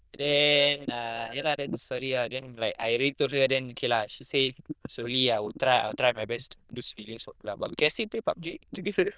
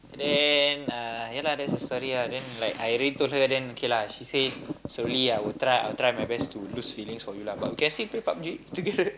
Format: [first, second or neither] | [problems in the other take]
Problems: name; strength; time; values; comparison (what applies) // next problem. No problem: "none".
second | noise reduction (neural diffusion model UNIVERSE++)